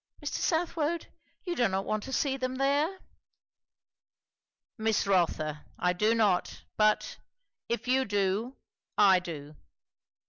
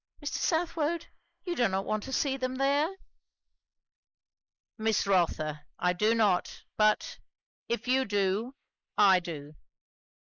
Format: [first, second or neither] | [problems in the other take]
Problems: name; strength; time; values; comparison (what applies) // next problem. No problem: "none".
first | noise reduction (neural mask model Resemble Enhance denoiser)